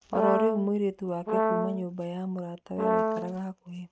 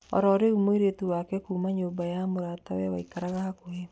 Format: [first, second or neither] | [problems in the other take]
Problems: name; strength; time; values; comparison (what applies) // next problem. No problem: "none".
second | noise reduction (neural mask model RNNoise)